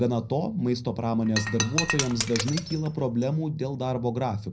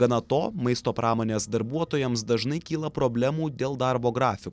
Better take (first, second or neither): second